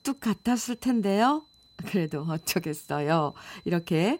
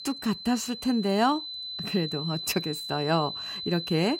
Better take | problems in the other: first | high-pitched whine; loud; throughout; 4 kHz, 6 dB below the speech; faint in the first

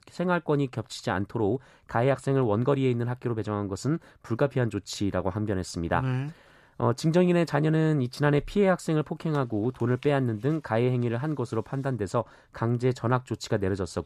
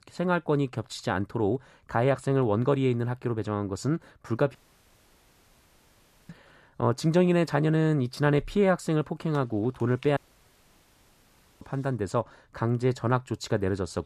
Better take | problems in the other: first | audio cutting out; at 4.5 s for 1.5 s and at 10 s for 1.5 s

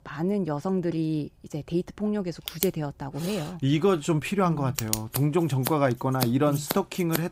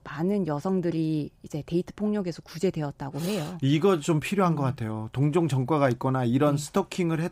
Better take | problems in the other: second | household noises; loud; throughout; 6 dB below the speech

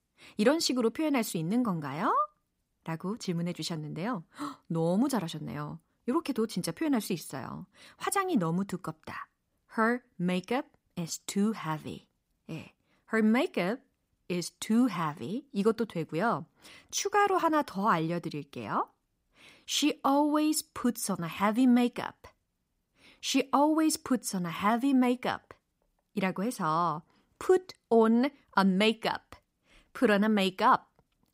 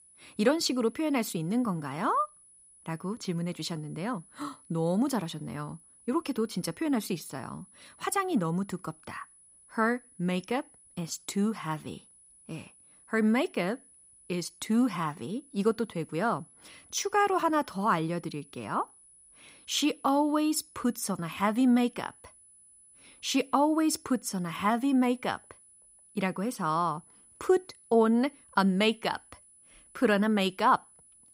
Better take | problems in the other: first | high-pitched whine; faint; throughout; 10 kHz, 25 dB below the speech

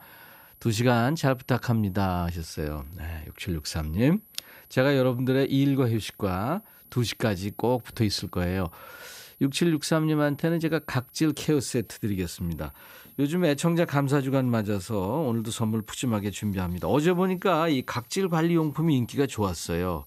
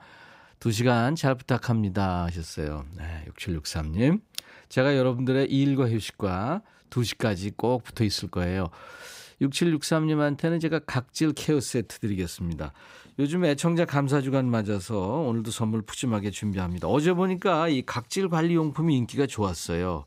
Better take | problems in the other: second | high-pitched whine; faint; throughout; 11.5 kHz, 25 dB below the speech

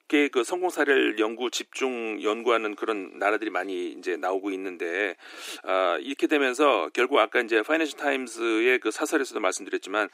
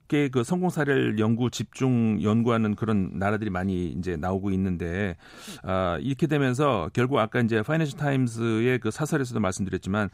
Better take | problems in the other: second | thin; somewhat; fading below 300 Hz

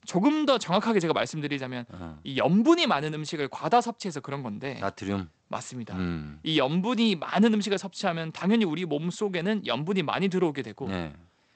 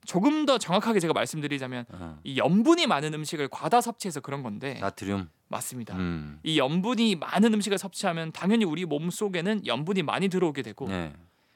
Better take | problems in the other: second | garbled, watery; slightly; nothing above 8 kHz

